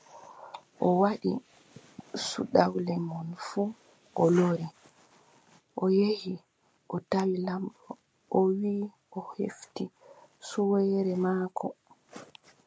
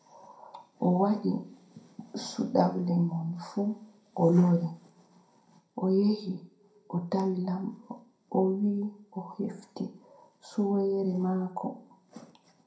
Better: first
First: none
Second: room echo; dies away in 0.4 s

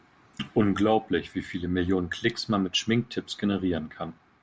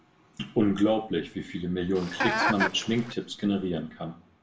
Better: first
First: none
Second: background sound (Chicken, rooster); as loud as the speech // room echo; dies away in 0.4 s

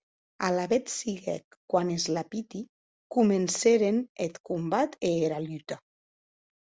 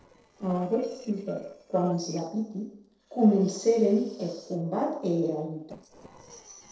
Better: first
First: none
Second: noise reduction (neural separator model SepFormer DNS4)

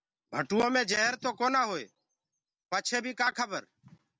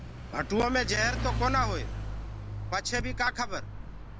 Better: first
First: none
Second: background sound (Mechanisms / Bicycle); 3 dB below the speech

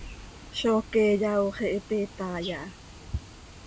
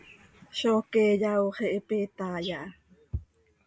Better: second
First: background sound (Water + Bass drum); 17 dB below the speech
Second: none

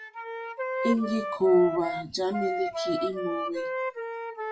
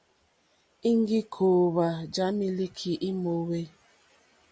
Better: second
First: noise reduction (classical method WPE with log-MMSE)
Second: none

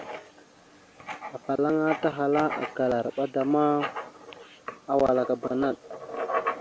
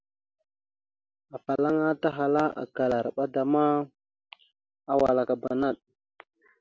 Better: second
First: background sound (Writing); 9 dB below the speech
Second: none

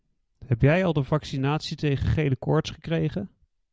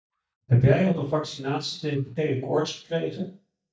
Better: first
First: none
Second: noise reduction (neural mask model DeepFilterNet 3)

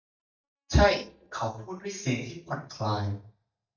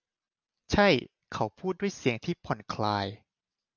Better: second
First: noise reduction (neural mask model DeepFilterNet 3)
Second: none

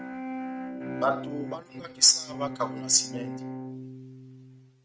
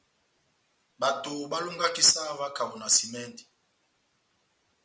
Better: second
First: noise reduction (neural mask model RNNoise)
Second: none

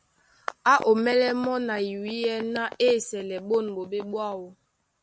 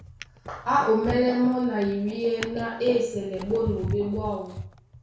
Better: first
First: none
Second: background sound (Drawer open or close); 11 dB below the speech // room echo; dies away in 0.6 s

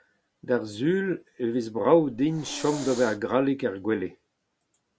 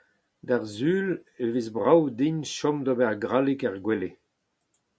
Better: second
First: background sound (Hiss); 14 dB below the speech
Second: none

